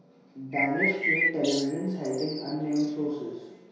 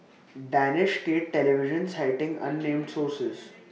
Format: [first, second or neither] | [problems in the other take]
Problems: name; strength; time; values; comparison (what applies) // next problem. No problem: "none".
second | background sound (Bird); 1 dB below the speech // room echo; dies away in 1 s